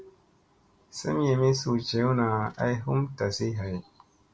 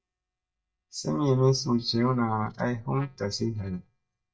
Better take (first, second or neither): first